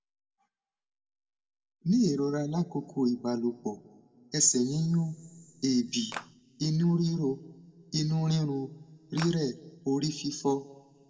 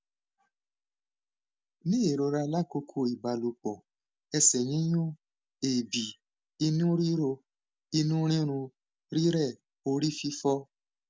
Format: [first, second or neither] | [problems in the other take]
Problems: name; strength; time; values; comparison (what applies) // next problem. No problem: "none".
second | background sound (Clapping); 10 dB below the speech // room echo; dies away in 1.9 s